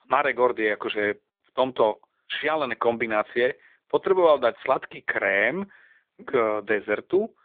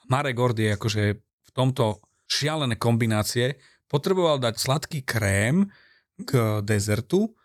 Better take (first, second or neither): second